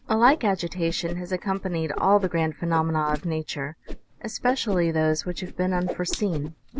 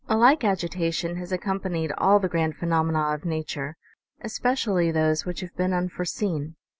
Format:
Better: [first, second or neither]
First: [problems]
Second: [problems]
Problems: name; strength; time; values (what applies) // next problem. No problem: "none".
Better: second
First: background sound (Whoosh, swoosh, swish); 11 dB below the speech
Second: none